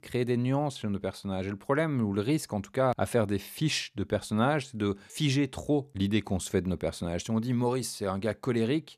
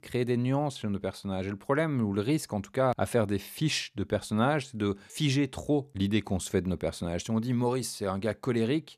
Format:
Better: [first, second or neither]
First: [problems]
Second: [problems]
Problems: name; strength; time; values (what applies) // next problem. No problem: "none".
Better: neither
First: none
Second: none